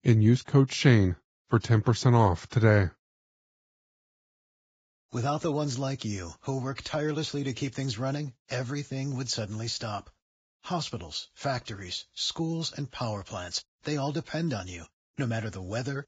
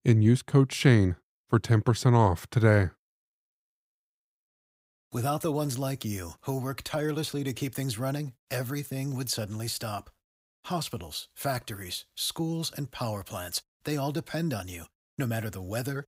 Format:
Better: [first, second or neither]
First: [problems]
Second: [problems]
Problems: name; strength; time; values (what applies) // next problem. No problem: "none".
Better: second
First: garbled, watery; badly; nothing above 7.5 kHz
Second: none